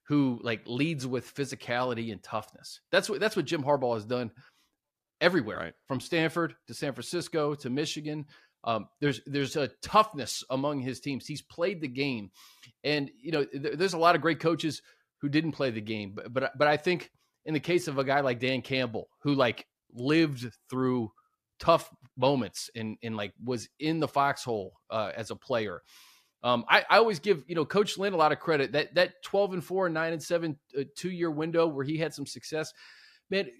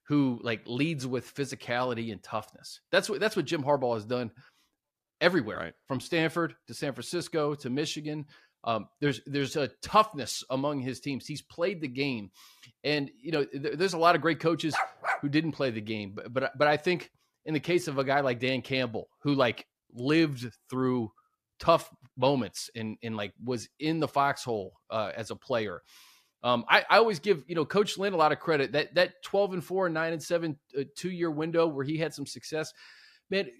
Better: first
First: none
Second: dog barking; noticeable; at 15 s; peak 1 dB below the speech

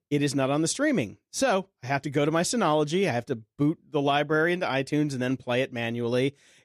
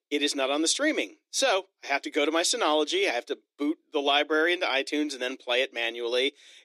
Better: first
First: none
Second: thin; somewhat; fading below 300 Hz

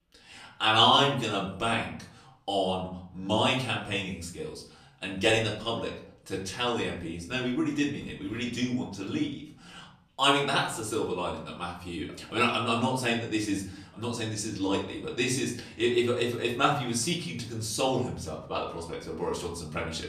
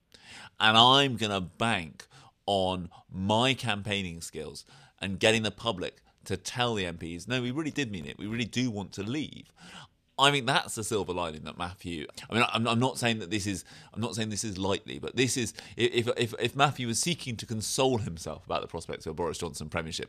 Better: second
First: off-mic speech; far // room echo; slight; dies away in 0.5 s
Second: none

